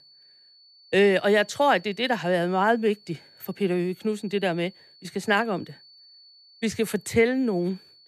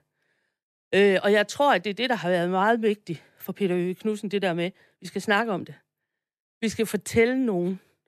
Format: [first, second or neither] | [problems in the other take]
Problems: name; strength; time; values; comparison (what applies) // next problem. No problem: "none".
second | high-pitched whine; faint; throughout; 4.5 kHz, 25 dB below the speech